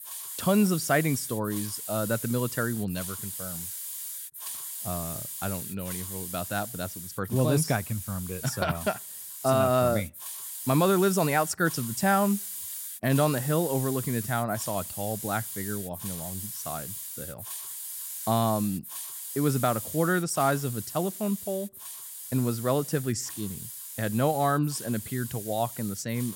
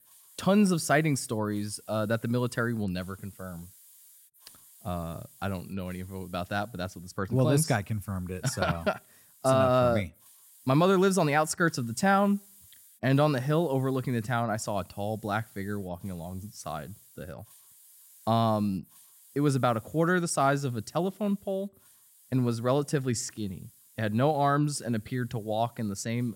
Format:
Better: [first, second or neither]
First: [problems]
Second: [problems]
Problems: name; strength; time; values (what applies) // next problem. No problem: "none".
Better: second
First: hiss; loud; throughout; 7 dB below the speech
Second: hiss; faint; throughout; 25 dB below the speech